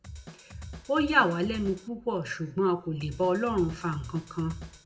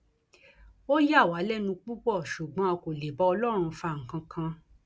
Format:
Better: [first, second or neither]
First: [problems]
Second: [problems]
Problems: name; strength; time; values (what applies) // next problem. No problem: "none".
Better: second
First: background sound (Drum kit); 14 dB below the speech // room echo; dies away in 0.6 s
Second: none